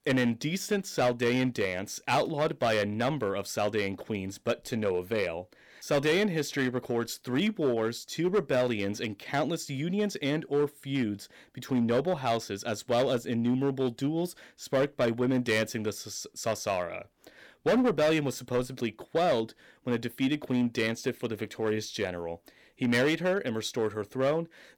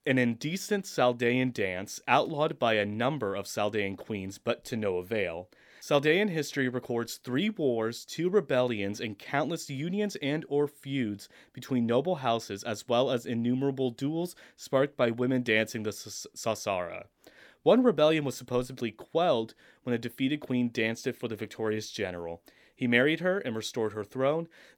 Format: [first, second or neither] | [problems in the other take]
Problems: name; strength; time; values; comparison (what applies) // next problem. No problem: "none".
second | distortion; slight; 5% of the sound clipped